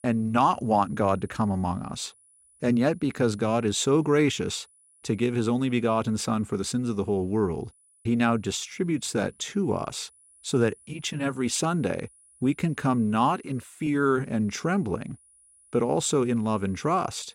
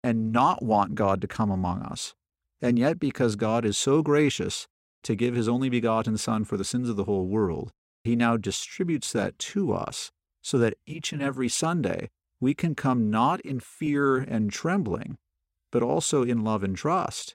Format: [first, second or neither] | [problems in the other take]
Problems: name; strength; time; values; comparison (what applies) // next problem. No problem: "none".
second | high-pitched whine; faint; throughout; 10 kHz, 30 dB below the speech